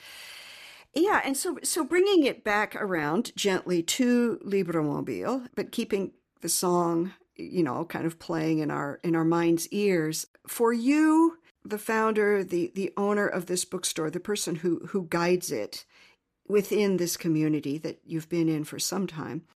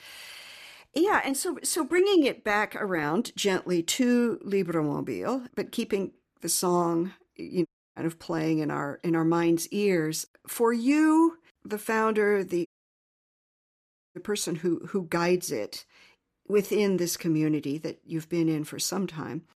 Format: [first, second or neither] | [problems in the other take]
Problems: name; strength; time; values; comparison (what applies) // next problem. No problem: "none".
first | audio cutting out; at 7.5 s and at 13 s for 1.5 s